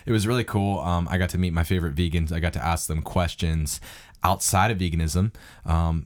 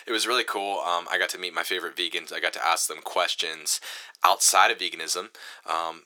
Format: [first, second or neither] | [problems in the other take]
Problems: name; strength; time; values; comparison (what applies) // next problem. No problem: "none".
first | thin; very; fading below 350 Hz